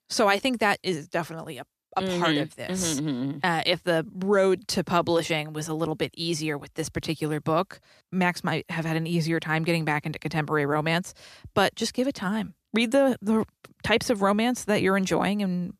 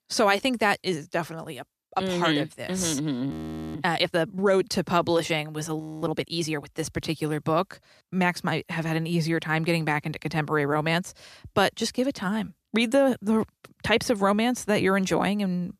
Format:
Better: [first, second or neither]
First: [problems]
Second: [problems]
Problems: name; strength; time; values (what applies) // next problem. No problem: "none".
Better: first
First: none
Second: audio freezing; at 3.5 s and at 6 s